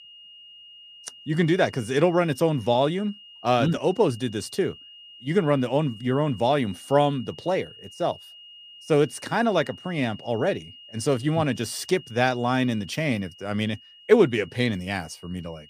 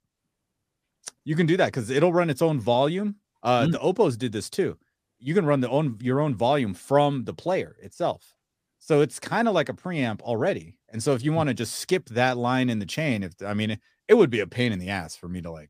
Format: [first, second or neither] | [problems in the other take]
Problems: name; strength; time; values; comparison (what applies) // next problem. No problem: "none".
second | high-pitched whine; faint; throughout; 3 kHz, 20 dB below the speech